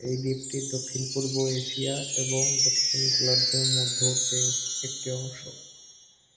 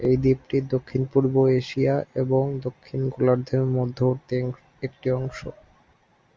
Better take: second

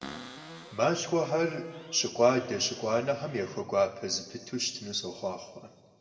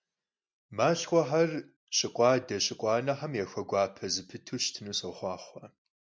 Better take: second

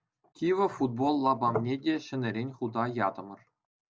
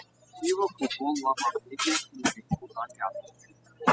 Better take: first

